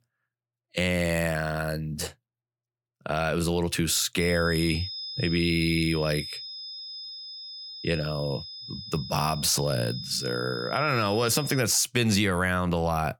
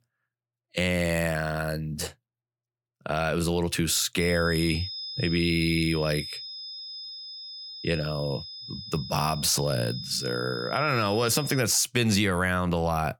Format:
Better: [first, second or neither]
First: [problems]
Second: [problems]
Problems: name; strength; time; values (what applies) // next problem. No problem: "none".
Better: neither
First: high-pitched whine; loud; from 4 to 12 s; 5 kHz, 10 dB below the speech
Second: high-pitched whine; loud; from 4 to 12 s; 5 kHz, 10 dB below the speech